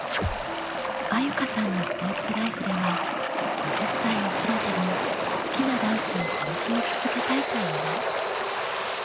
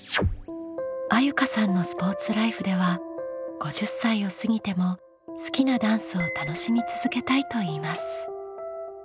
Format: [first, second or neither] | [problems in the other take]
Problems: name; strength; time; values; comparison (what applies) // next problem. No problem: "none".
second | background sound (Waves, surf); 2 dB above the speech